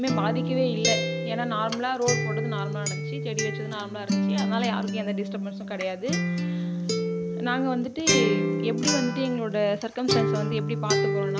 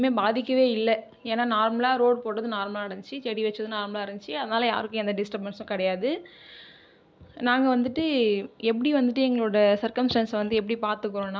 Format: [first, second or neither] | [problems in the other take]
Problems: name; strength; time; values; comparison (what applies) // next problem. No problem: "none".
second | background sound (Acoustic guitar); 2 dB above the speech